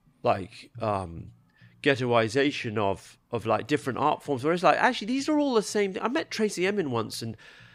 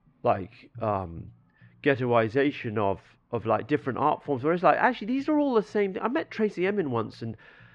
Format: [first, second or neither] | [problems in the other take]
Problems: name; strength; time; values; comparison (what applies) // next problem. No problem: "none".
first | muffled; very; fading above 2 kHz